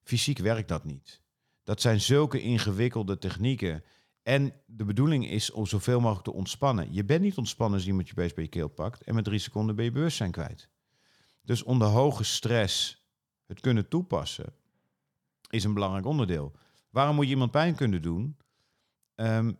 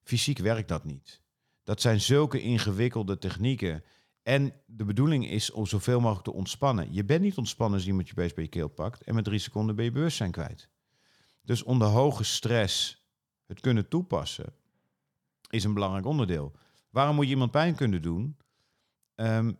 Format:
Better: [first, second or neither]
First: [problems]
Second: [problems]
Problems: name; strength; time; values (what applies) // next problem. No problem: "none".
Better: neither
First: none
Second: none